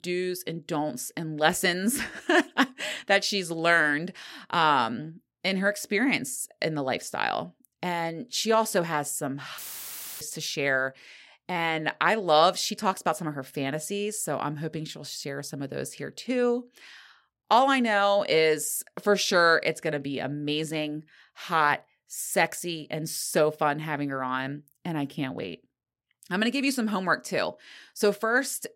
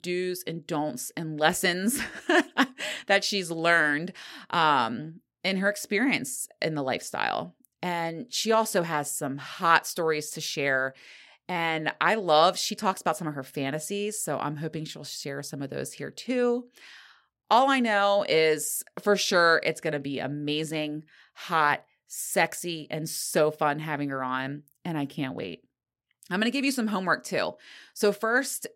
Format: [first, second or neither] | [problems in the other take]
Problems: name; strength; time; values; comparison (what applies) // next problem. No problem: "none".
second | audio cutting out; filled with static; at 9.5 s for 0.5 s